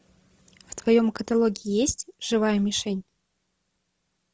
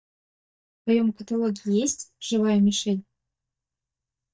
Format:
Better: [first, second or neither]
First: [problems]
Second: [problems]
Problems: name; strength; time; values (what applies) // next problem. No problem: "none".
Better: first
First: none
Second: noise reduction (neural mask model DeepFilterNet 3)